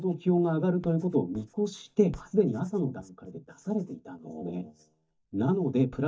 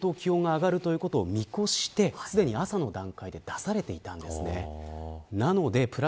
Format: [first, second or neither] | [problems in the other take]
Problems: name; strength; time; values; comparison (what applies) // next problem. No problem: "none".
second | noise reduction (neural mask model DeepFilterNet 3)